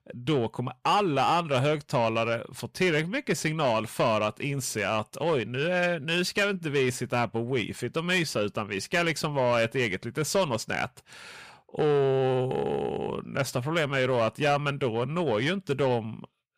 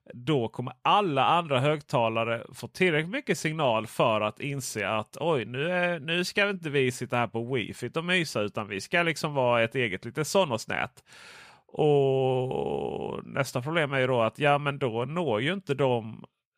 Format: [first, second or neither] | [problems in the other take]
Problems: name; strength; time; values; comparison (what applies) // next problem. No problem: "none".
second | distortion; slight; 10 dB below the speech